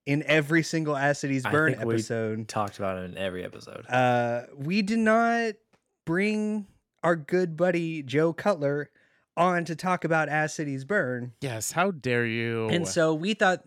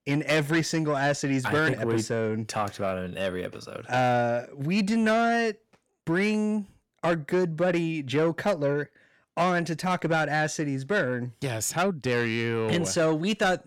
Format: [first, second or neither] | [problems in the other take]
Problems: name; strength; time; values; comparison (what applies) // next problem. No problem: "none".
first | distortion; slight; 10 dB below the speech